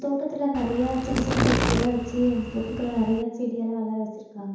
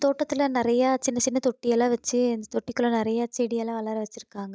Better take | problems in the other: second | background sound (Insect); 2 dB below the speech // room echo; dies away in 1 s

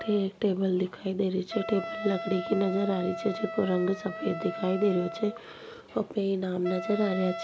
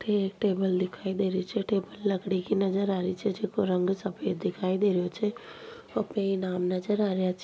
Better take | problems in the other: second | background sound (Wind instrument, woodwind instrument); 10 dB below the speech

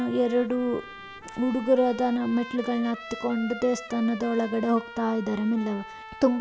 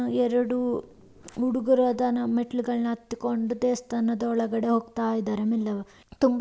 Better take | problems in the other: second | background sound (Trumpet); 15 dB below the speech

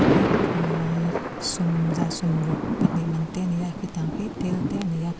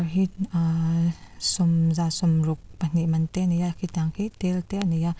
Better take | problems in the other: second | background sound (Thunder); as loud as the speech

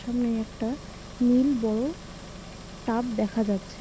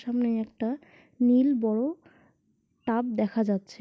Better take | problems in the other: second | background sound (Engine); 14 dB below the speech

